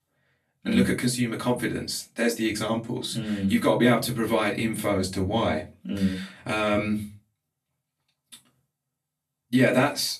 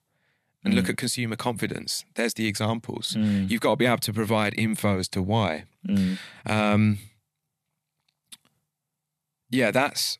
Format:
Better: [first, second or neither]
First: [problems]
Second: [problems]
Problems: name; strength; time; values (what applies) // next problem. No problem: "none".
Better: second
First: off-mic speech; far // room echo; very slight; dies away in 0.2 s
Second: none